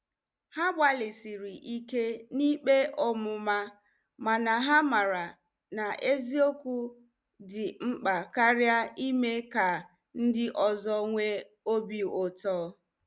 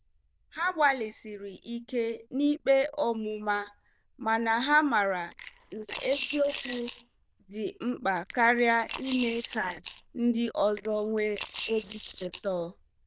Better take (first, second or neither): first